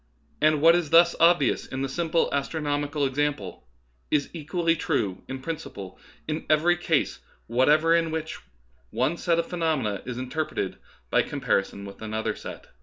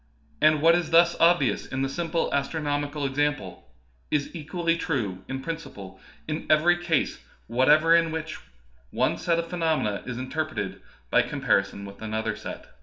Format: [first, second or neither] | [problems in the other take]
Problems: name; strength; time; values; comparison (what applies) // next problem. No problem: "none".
first | room echo; dies away in 0.6 s